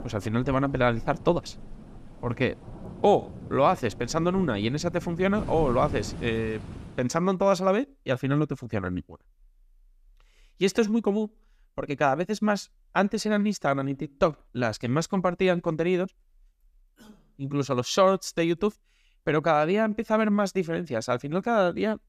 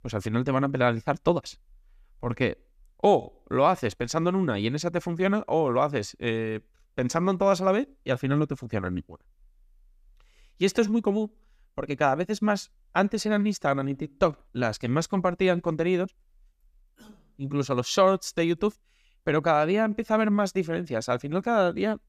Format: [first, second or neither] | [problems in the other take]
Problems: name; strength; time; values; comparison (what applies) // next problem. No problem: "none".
second | rain or running water; noticeable; until 7 s; 15 dB below the speech